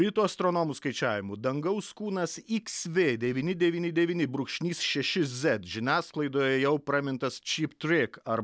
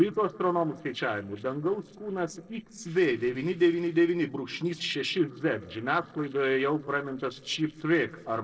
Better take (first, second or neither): first